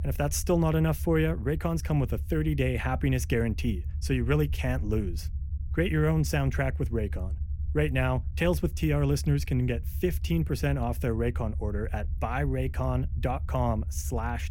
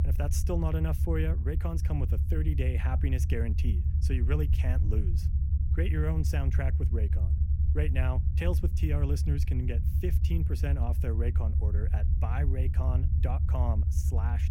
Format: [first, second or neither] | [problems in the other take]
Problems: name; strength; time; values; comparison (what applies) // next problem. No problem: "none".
first | low rumble; loud; throughout; 6 dB below the speech; faint in the first